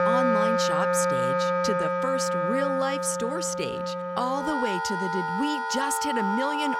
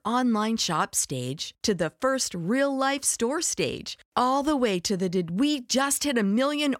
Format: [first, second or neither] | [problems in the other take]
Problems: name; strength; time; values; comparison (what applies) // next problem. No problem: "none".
second | background music; very loud; throughout; 3 dB above the speech